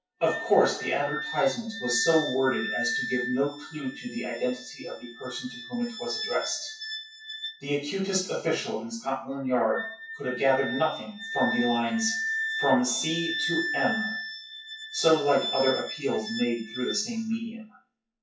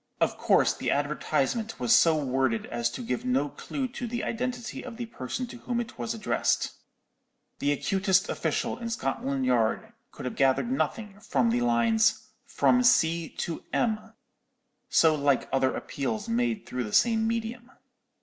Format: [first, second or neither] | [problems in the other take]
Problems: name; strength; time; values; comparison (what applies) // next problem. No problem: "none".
second | noise reduction (classical method WPE with log-MMSE)